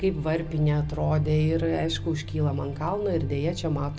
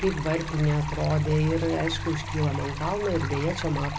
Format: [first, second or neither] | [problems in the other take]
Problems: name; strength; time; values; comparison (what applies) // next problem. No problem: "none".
first | background sound (Stream); 10 dB below the speech